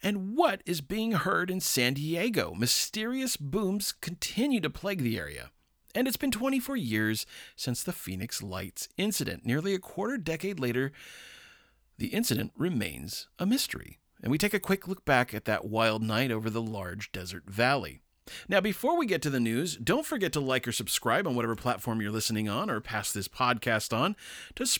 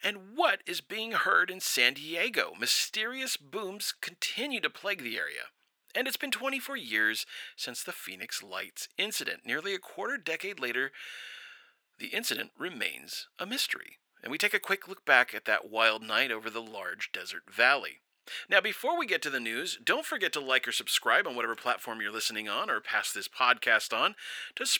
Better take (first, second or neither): first